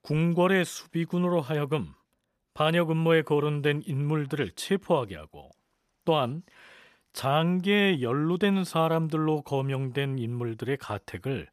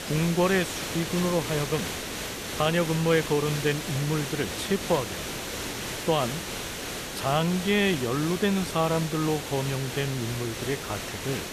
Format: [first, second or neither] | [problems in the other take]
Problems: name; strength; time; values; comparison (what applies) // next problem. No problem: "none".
first | hiss; loud; throughout; 5 dB below the speech